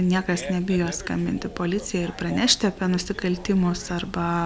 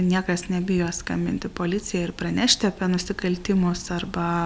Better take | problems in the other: second | background sound (Fart); 18 dB below the speech

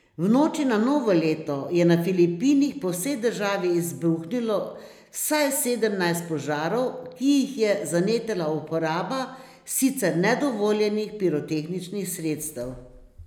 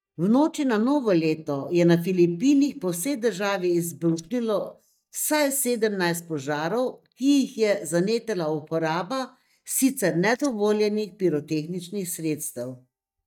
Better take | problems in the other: first | noise reduction (neural mask model DeepFilterNet 3)

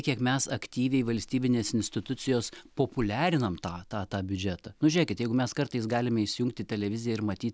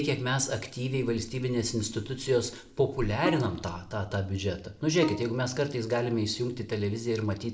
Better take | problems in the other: first | background sound (Bowed string instrument); 10 dB below the speech // room echo; dies away in 0.5 s

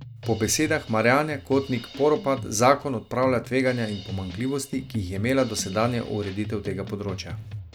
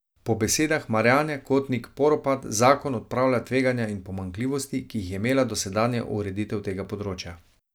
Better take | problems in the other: second | background sound (Drum kit); 14 dB below the speech

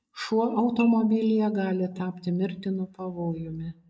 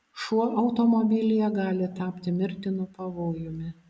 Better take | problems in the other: second | noise reduction (neural mask model Resemble Enhance denoiser)

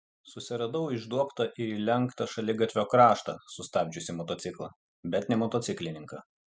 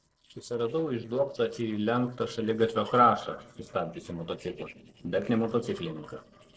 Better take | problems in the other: first | noise reduction (neural separator model SepFormer DNS4)

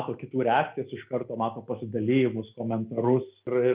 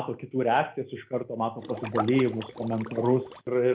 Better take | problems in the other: first | background sound (Liquid); 10 dB below the speech

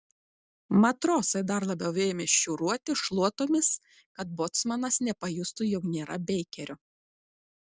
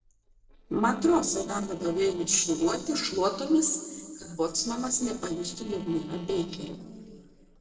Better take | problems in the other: first | noise reduction (neural separator model SepFormer DNS4)

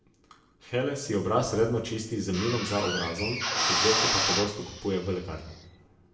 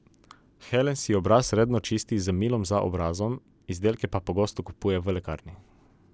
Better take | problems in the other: second | background sound (Drill); as loud as the speech // room echo; dies away in 0.9 s

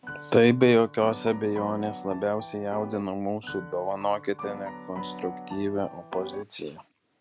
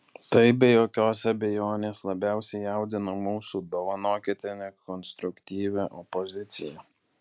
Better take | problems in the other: second | background sound (Piano); 13 dB below the speech

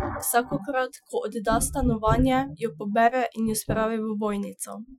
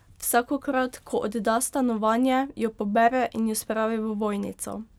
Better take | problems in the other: second | noise reduction (classical method Wiener filter)

